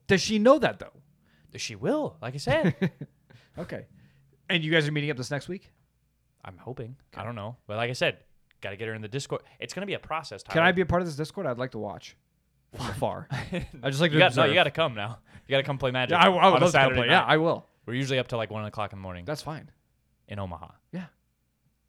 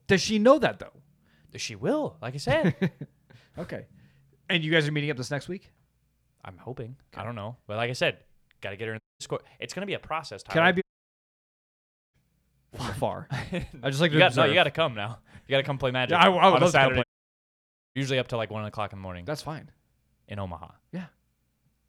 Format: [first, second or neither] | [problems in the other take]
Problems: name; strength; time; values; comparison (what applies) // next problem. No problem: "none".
first | audio cutting out; at 9 s, at 11 s for 1.5 s and at 17 s for 1 s